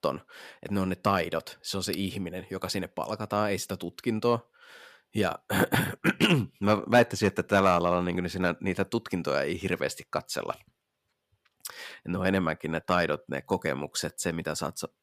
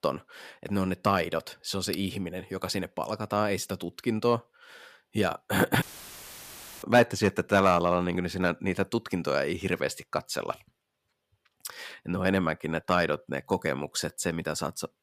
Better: first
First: none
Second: audio cutting out; filled with static; at 6 s for 1 s

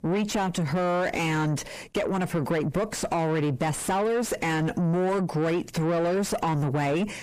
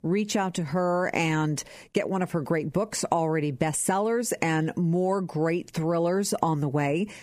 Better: second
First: distortion; heavy; 6 dB below the speech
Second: none

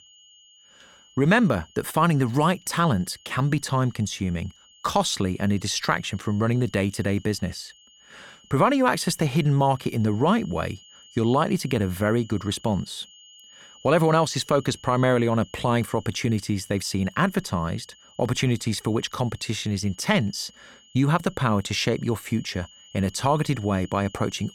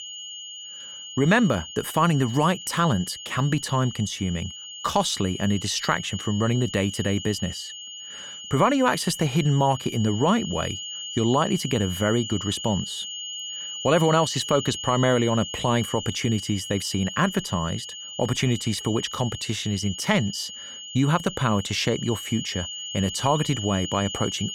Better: first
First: high-pitched whine; faint; throughout; 3 kHz, 25 dB below the speech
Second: high-pitched whine; loud; throughout; 3 kHz, 9 dB below the speech

